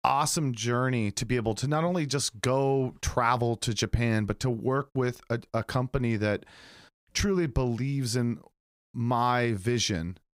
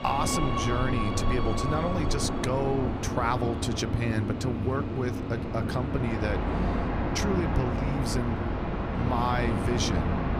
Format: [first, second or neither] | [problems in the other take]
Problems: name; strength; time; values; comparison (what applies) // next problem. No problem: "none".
first | train or aircraft noise; very loud; throughout; 1 dB above the speech